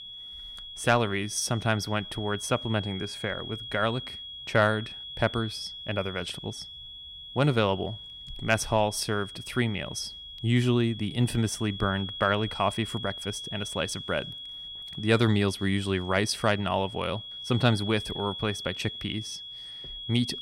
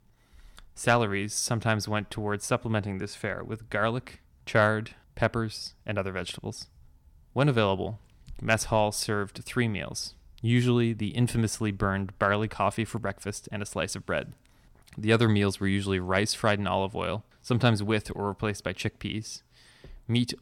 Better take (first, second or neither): second